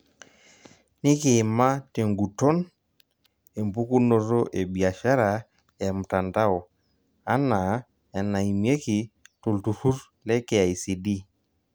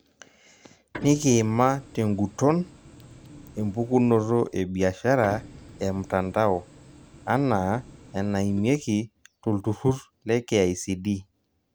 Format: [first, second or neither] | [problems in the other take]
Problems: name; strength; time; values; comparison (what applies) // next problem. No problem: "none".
first | background sound (Printer); 18 dB below the speech